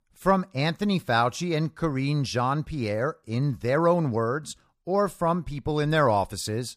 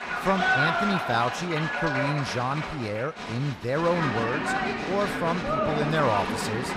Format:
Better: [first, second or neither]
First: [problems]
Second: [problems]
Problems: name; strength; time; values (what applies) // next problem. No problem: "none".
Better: first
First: none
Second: crowd noise; very loud; throughout; as loud as the speech